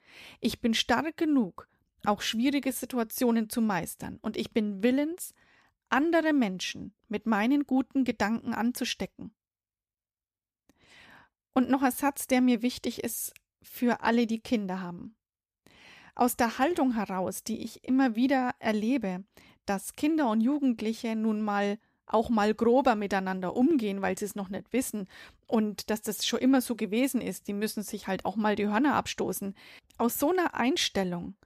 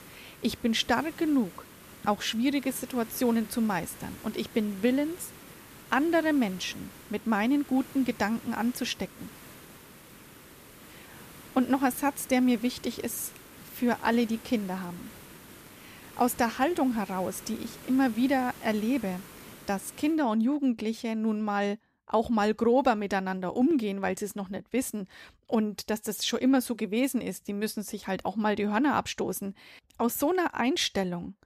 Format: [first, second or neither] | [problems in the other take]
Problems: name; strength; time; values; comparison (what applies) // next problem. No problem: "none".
first | hiss; noticeable; until 20 s; 20 dB below the speech